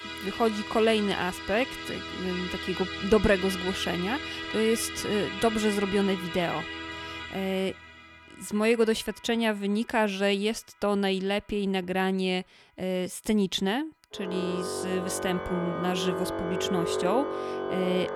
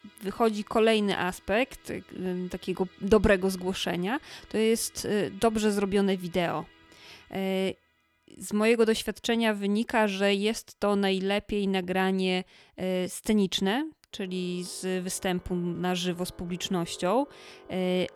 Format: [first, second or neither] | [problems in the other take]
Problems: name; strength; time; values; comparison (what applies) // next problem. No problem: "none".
second | background music; loud; throughout; 5 dB below the speech; faint in the second